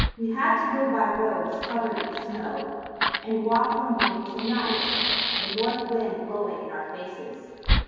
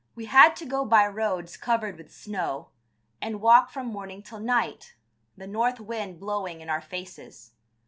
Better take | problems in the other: second | background sound (Fire); 3 dB below the speech // room echo; dies away in 2.2 s

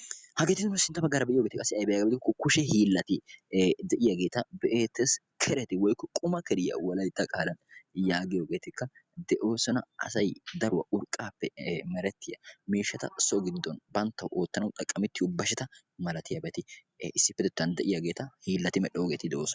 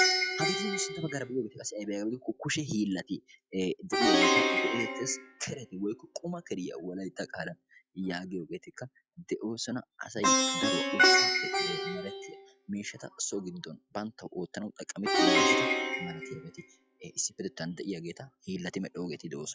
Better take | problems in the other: first | noise reduction (classical method log-MMSE)

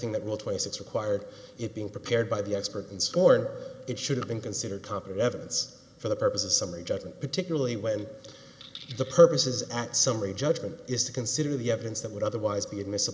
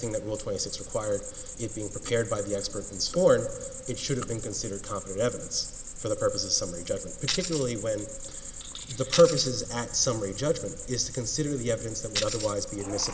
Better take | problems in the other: first | background sound (Cricket + Tambourine); 8 dB below the speech

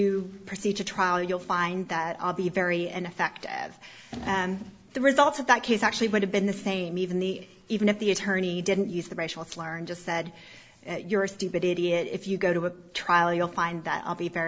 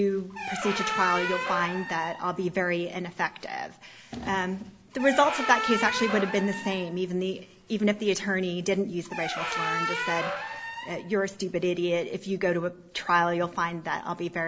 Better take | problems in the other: first | background sound (Squeak); 5 dB below the speech

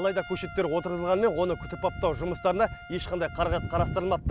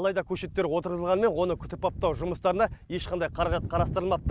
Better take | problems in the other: second | background sound (Trumpet); 18 dB below the speech

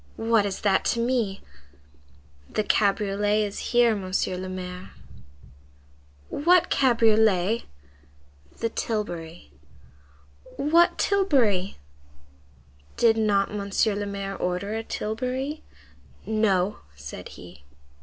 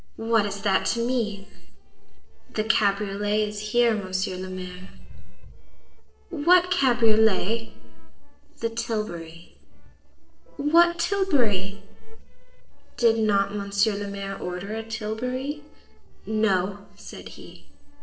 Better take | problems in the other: first | noise reduction (neural separator model SepFormer DNS4)

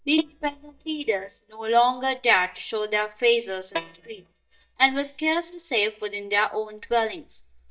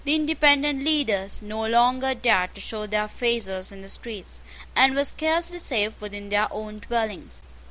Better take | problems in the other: second | noise reduction (neural mask model DeepFilterNet 3)

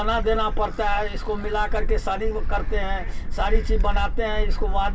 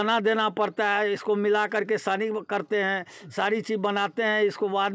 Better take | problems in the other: second | background sound (Gull, seagull); 4 dB above the speech // room echo; dies away in 0.2 s

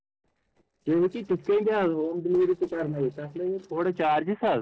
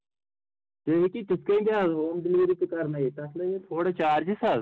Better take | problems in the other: second | noise reduction (neural separator model SepFormer DNS4)

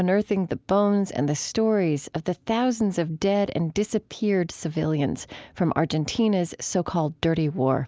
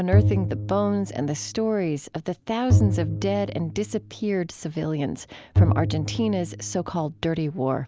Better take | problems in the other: first | background sound (Bowed string instrument); as loud as the speech

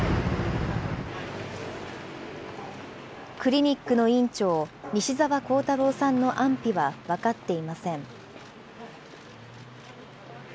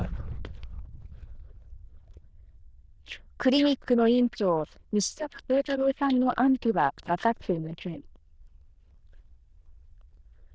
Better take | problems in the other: first | noise reduction (neural diffusion model UNIVERSE++)

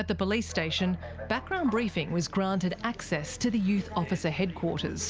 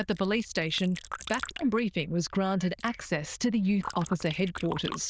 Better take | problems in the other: first | noise reduction (neural diffusion model UNIVERSE++)

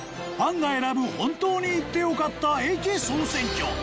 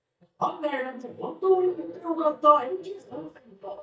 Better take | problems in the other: first | noise reduction (neural mask model DeepFilterNet 3)

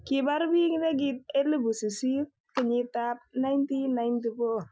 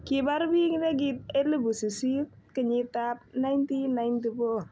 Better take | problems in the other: second | noise reduction (classical method Wiener filter)

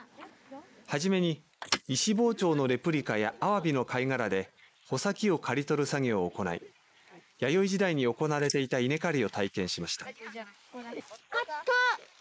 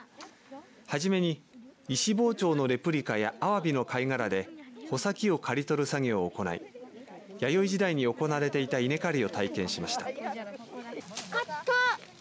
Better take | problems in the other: second | noise reduction (neural mask model Resemble Enhance denoiser)

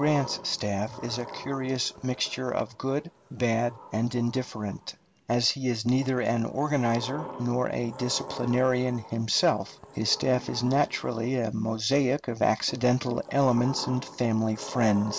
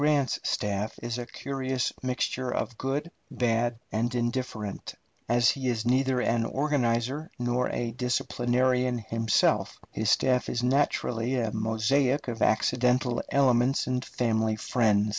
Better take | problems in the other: second | background sound (Sliding door); 16 dB below the speech

